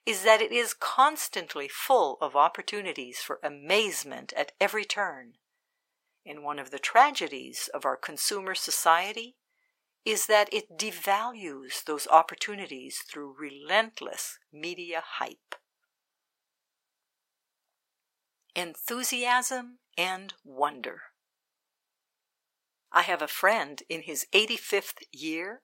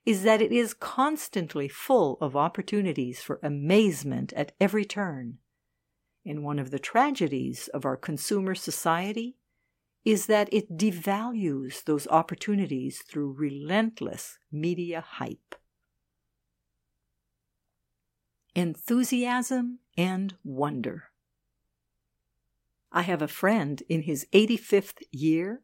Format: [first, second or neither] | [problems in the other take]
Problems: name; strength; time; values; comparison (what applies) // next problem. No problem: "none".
second | thin; very; fading below 800 Hz